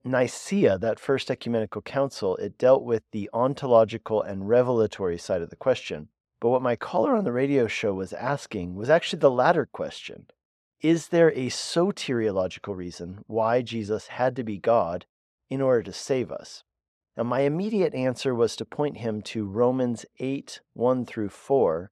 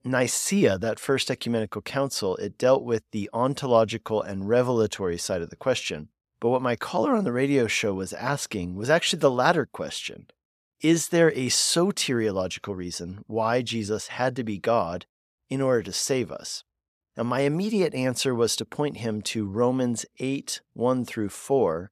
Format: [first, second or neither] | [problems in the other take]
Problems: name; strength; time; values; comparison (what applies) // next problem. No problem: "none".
second | muffled; slightly; fading above 2.5 kHz